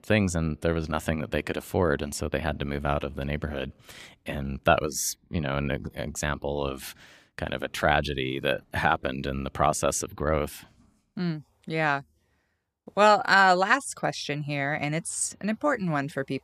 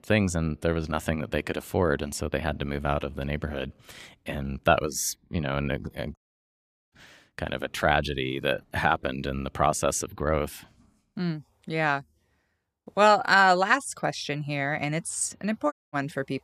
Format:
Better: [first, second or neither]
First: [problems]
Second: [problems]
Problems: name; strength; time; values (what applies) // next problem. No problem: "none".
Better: first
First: none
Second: audio cutting out; at 6 s for 1 s and at 16 s